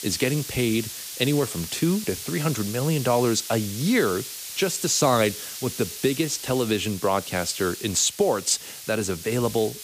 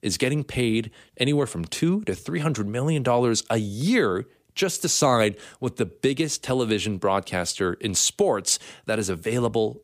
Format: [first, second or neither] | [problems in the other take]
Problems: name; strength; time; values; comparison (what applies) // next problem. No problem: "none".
second | hiss; loud; throughout; 9 dB below the speech